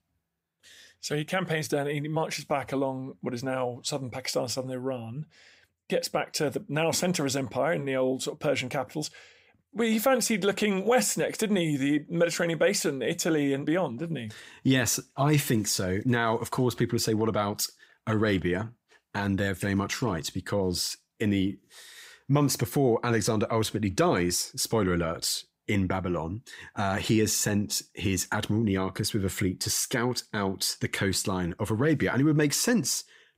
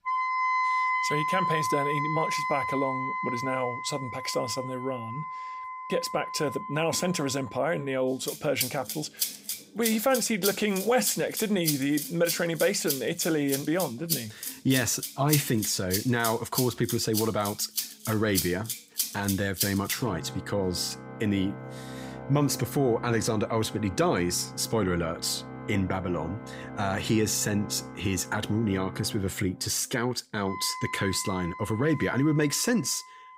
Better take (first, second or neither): first